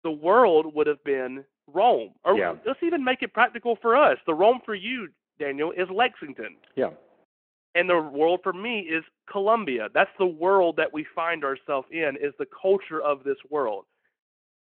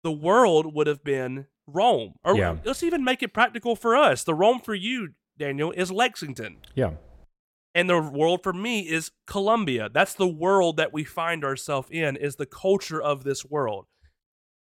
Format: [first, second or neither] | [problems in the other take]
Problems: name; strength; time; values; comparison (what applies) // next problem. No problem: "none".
second | phone-call audio